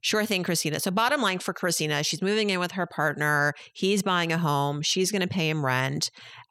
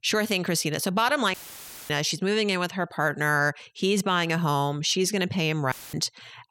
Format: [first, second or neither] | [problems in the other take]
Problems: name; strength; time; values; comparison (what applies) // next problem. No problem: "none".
first | audio cutting out; filled with static; at 1.5 s for 0.5 s and at 5.5 s